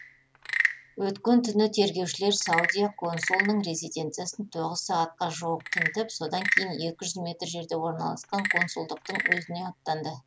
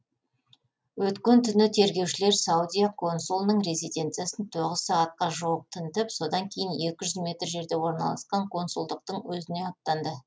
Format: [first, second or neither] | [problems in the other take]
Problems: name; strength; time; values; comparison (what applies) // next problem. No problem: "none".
second | background sound (Wood / Percussion / Frog); 4 dB below the speech